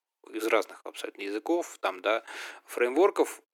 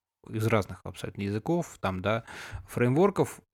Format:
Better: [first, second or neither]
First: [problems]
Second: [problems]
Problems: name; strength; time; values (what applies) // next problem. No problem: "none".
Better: second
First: thin; very; fading below 300 Hz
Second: none